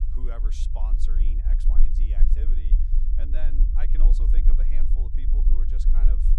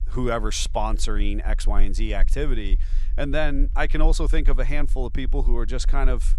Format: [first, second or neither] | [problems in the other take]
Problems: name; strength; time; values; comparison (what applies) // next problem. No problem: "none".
second | low rumble; loud; throughout; 2 dB below the speech; faint in the second